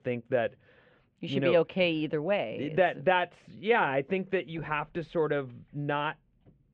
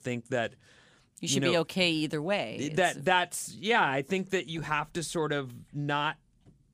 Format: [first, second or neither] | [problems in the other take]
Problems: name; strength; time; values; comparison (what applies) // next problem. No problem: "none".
second | muffled; very; fading above 2.5 kHz